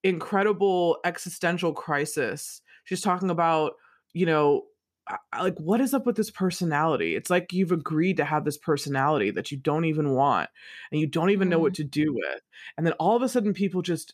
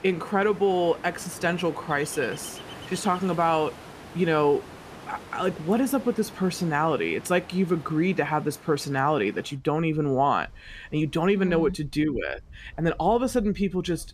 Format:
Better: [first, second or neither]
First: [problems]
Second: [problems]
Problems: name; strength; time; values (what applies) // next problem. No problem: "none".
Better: first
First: none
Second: rain or running water; noticeable; throughout; 20 dB below the speech